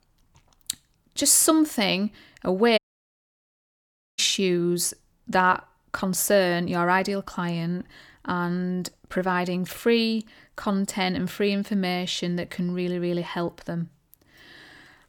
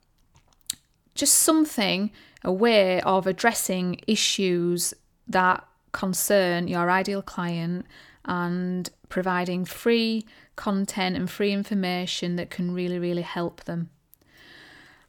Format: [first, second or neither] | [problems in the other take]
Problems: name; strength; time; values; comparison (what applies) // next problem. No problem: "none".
second | audio cutting out; at 3 s for 1.5 s